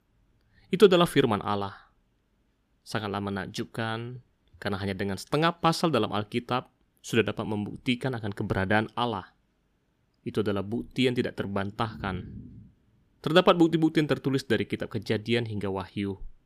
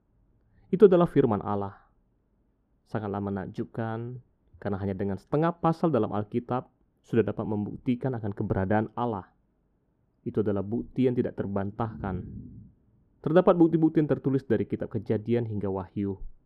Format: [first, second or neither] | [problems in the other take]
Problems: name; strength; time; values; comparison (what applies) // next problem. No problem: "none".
first | muffled; very; fading above 2 kHz